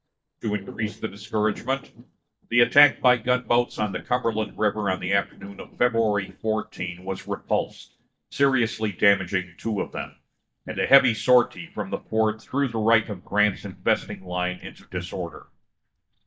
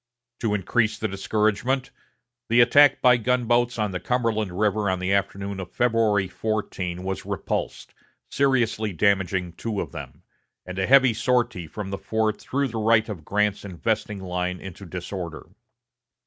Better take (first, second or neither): second